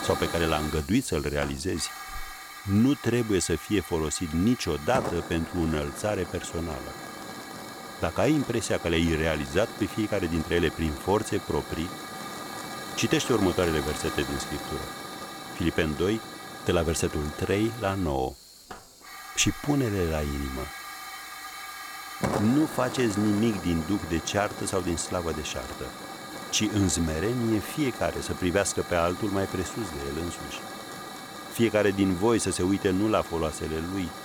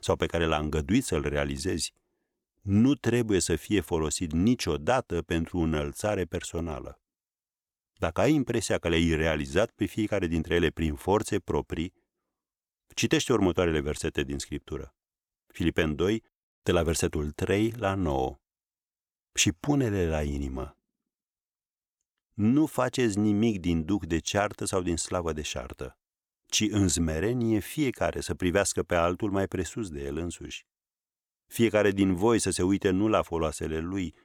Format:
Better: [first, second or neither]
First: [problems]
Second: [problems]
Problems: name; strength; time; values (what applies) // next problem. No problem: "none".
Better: second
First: hiss; loud; throughout; 10 dB below the speech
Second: none